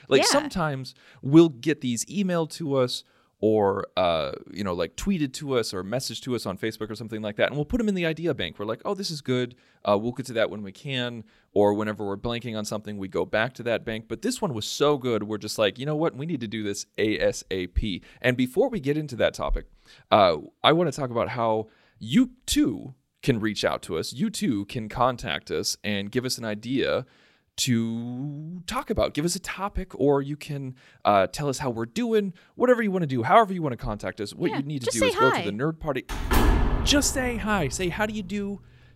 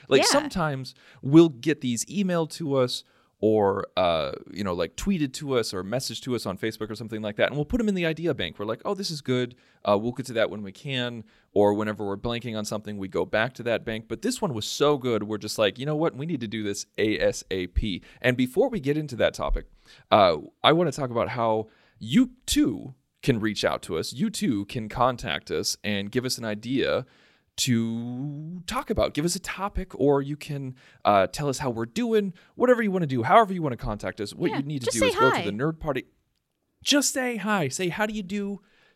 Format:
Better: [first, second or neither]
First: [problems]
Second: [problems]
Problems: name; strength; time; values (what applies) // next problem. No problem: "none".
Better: second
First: door banging; loud; from 36 to 38 s; peak 3 dB above the speech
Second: none